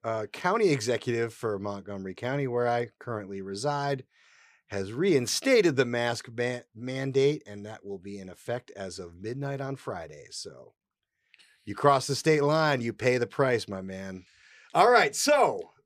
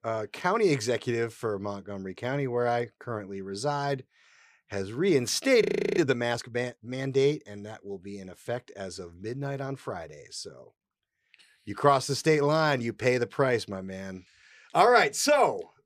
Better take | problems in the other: first | audio freezing; at 5.5 s

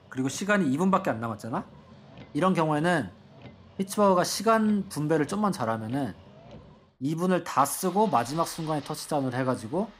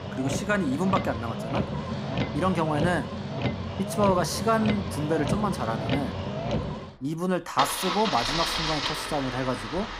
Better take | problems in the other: first | traffic noise; loud; throughout; 2 dB below the speech; faint in the first

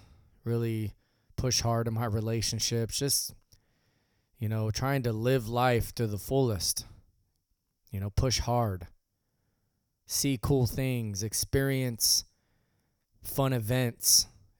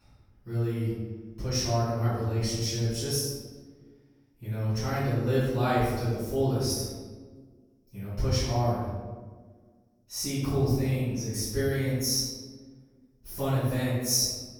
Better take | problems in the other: first | off-mic speech; far // room echo; strong; dies away in 1.2 s

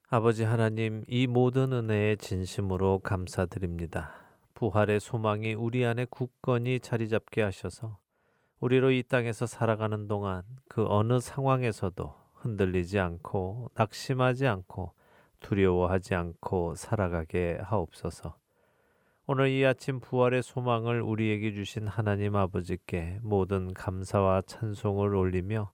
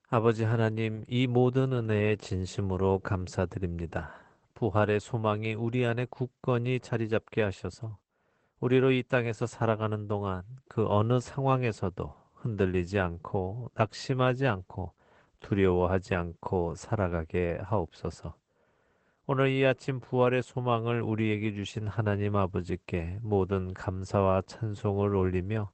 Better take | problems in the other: first | garbled, watery; badly; nothing above 8 kHz

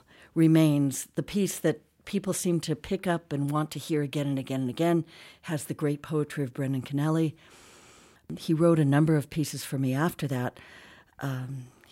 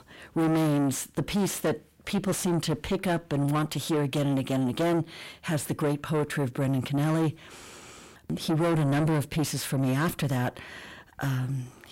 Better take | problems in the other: first | distortion; heavy; 6 dB below the speech

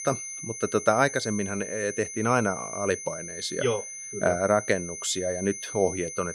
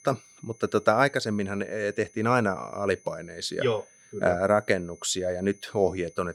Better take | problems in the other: second | high-pitched whine; loud; throughout; 6 kHz, 8 dB below the speech; faint in the second

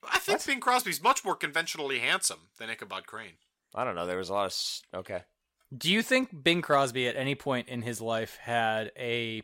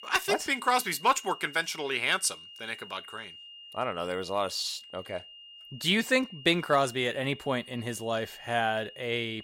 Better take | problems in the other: first | high-pitched whine; noticeable; throughout; 3 kHz, 15 dB below the speech

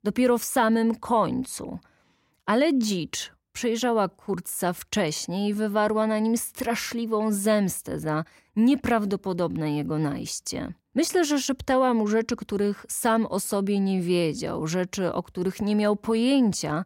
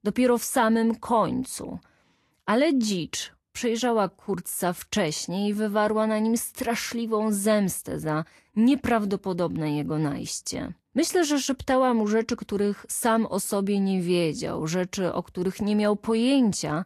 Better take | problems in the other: first | garbled, watery; slightly; nothing above 12.5 kHz

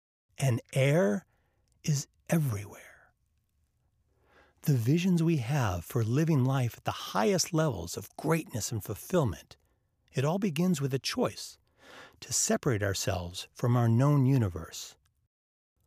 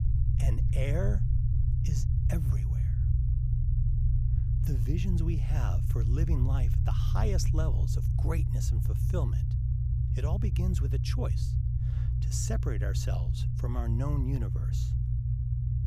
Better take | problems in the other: first | low rumble; loud; throughout; 2 dB below the speech

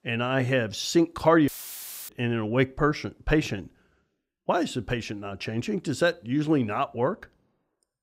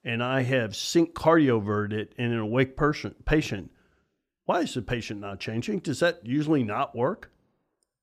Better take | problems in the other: second | audio cutting out; filled with static; at 1.5 s for 0.5 s

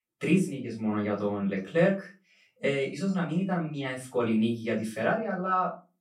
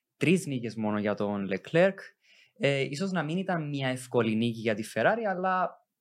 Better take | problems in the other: second | off-mic speech; far // room echo; slight; dies away in 0.3 s

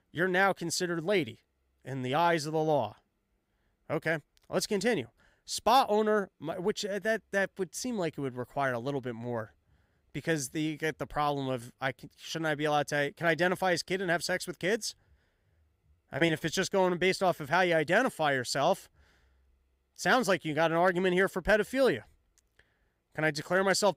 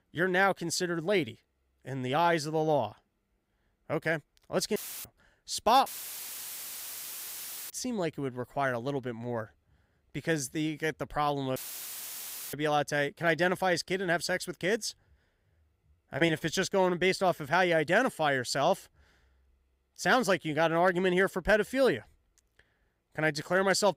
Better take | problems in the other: first | audio cutting out; filled with static; at 5 s, at 6 s for 2 s and at 12 s for 1 s

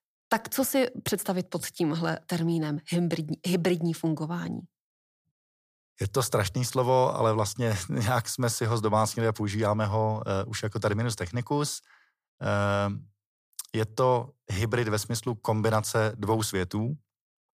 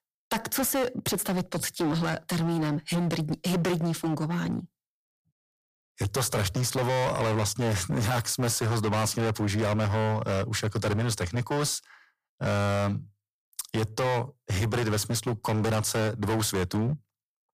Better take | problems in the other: first | distortion; heavy; 24% of the sound clipped

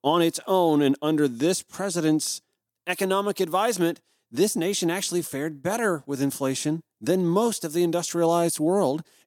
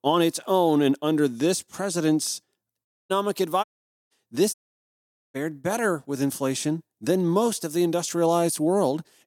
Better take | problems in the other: first | audio cutting out; at 3 s, at 3.5 s and at 4.5 s for 1 s

